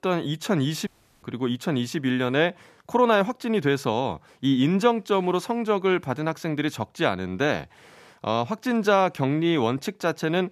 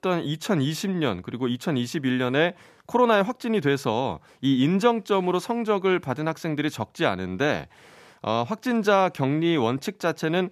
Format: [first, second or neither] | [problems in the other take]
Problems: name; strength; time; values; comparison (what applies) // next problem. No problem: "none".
second | audio cutting out; at 1 s